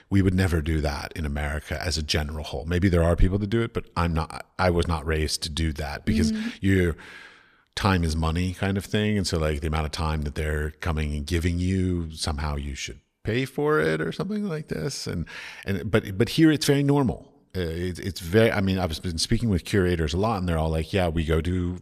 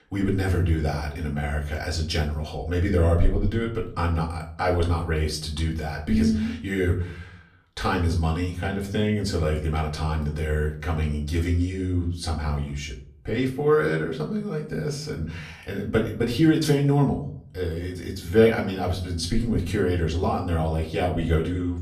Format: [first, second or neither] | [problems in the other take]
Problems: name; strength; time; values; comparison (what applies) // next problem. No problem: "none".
first | off-mic speech; far // room echo; slight; dies away in 0.5 s